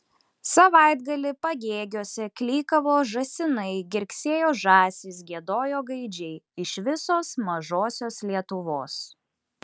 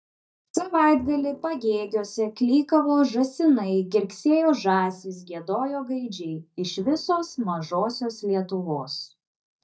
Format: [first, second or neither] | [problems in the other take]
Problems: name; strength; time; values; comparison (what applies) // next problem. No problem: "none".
first | noise reduction (neural mask model DeepFilterNet 3)